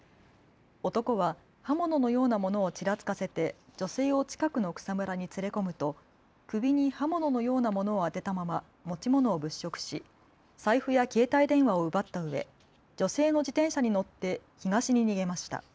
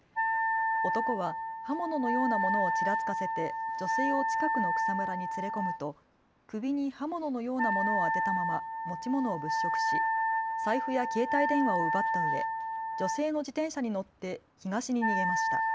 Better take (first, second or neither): first